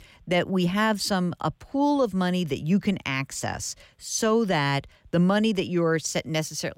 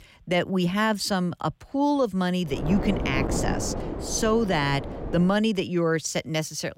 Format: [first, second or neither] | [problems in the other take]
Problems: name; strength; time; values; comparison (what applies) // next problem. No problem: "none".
first | wind noise on the microphone; heavy; from 2.5 to 5 s; 7 dB below the speech